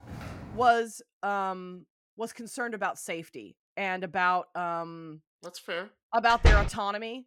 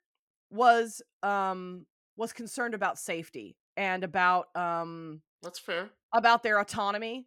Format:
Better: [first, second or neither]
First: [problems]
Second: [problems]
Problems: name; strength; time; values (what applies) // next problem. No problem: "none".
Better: second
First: footsteps; faint; at the start; peak 10 dB below the speech // door banging; loud; at 6.5 s; peak 5 dB above the speech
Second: none